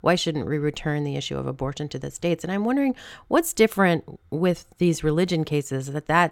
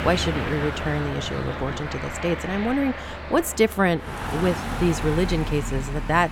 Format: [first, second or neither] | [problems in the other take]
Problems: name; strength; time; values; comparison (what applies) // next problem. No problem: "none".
first | traffic noise; loud; throughout; 6 dB below the speech